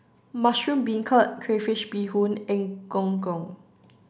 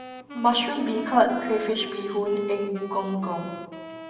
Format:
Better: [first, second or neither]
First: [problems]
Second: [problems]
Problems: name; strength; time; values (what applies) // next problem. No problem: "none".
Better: first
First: none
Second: background sound (Wind instrument, woodwind instrument); 12 dB below the speech // room echo; dies away in 1.3 s